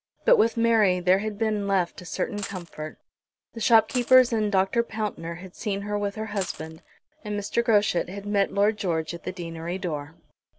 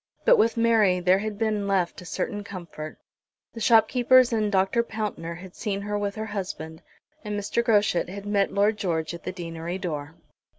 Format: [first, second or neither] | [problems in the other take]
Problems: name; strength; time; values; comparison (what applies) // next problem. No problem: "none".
second | background sound (Coin (dropping)); 16 dB below the speech